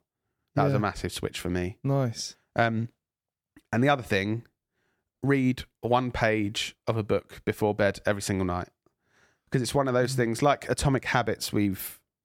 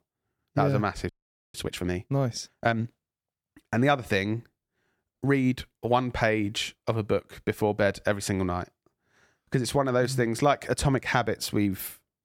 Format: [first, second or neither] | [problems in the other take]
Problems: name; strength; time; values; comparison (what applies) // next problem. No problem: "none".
first | audio freezing; at 1 s